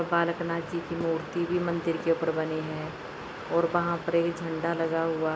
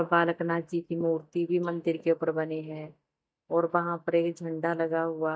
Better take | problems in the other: first | noise reduction (neural mask model DeepFilterNet 3)

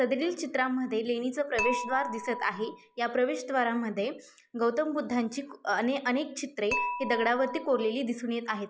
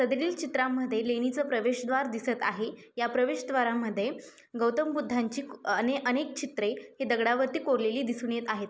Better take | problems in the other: second | noise reduction (classical method log-MMSE)

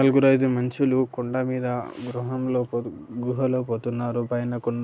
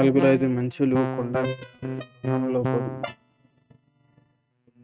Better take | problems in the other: first | noise reduction (neural mask model RNNoise)

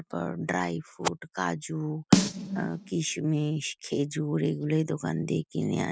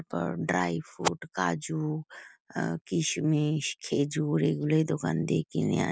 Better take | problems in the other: second | noise reduction (neural mask model RNNoise)

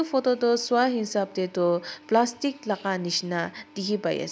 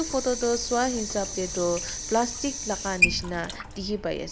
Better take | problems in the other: first | background sound (Sink (filling or washing) / Water tap, faucet); 3 dB below the speech

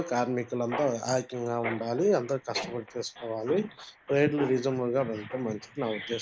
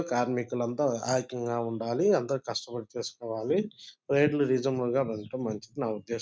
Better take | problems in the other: second | background sound (Mechanisms); 13 dB below the speech

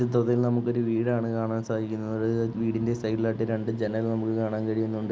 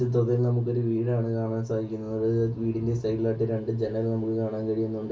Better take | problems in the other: first | room echo; dies away in 0.2 s

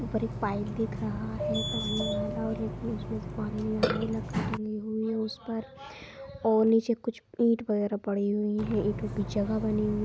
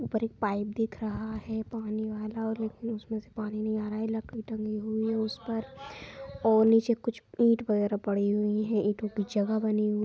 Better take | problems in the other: second | background sound (Burping, eructation); 6 dB below the speech

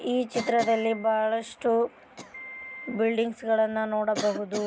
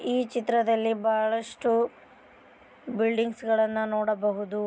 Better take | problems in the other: second | background sound (Piano + Cough); 14 dB below the speech

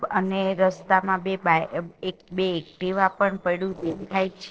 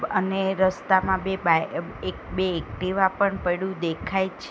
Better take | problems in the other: second | noise reduction (neural separator model SepFormer DNS4)

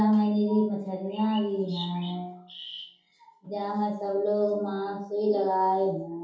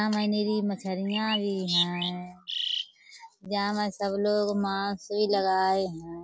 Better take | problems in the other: second | room echo; dies away in 0.6 s

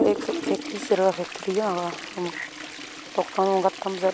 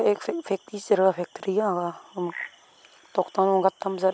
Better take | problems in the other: second | background sound (Toilet flush); 8 dB below the speech

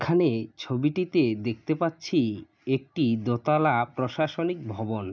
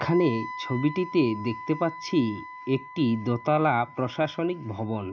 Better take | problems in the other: first | background sound (Wind instrument, woodwind instrument); 14 dB below the speech

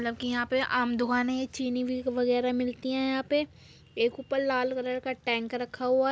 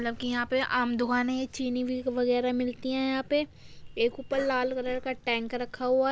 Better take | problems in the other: first | background sound (Cough); 17 dB below the speech

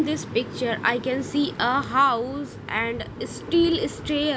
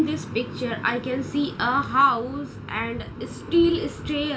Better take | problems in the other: first | room echo; dies away in 0.3 s

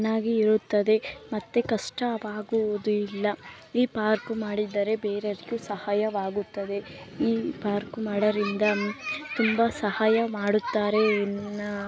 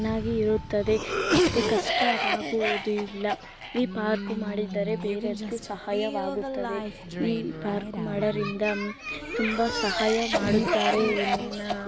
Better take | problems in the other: first | background sound (Cough); 1 dB below the speech

